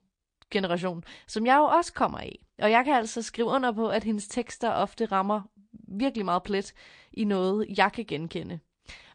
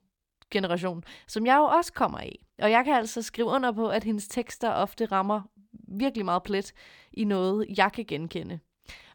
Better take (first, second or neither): second